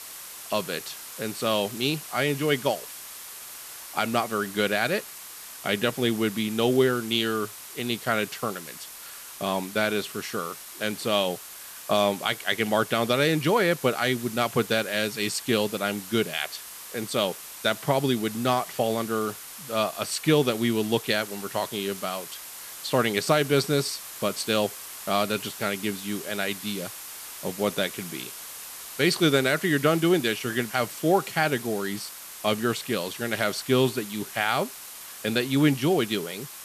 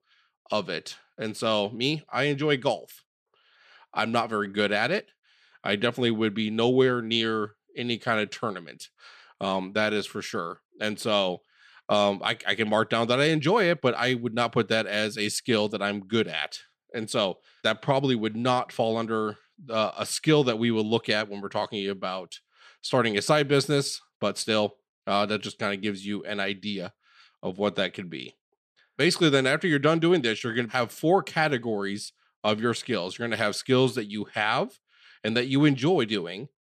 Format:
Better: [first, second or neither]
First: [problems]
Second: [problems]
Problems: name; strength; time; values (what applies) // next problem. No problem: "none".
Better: second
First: hiss; noticeable; throughout; 10 dB below the speech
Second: none